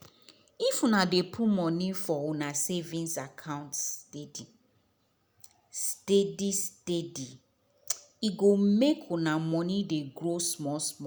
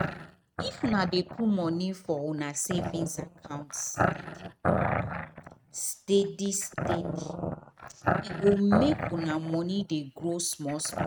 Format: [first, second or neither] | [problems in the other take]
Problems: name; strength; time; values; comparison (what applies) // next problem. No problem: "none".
first | noise reduction (neural mask model RNNoise)